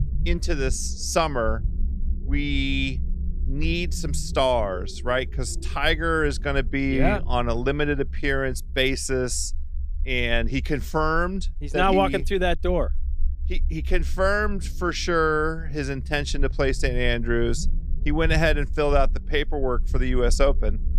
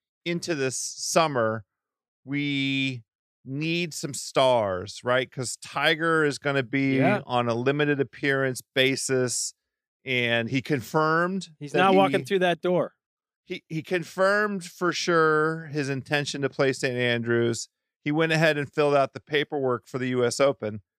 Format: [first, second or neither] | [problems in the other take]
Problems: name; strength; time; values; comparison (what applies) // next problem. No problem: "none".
second | low rumble; faint; throughout; 25 dB below the speech